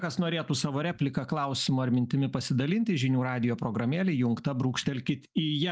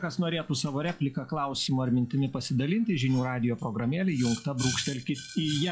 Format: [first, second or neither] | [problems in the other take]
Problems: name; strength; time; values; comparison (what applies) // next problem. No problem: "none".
first | noise reduction (classical method log-MMSE)